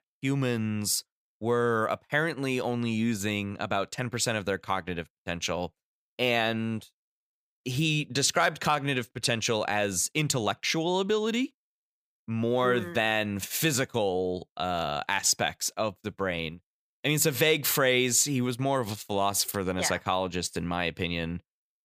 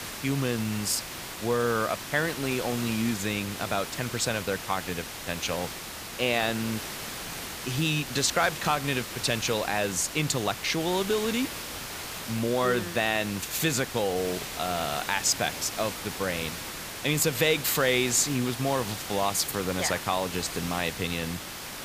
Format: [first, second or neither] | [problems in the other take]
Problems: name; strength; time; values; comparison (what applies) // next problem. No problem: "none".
first | hiss; loud; throughout; 7 dB below the speech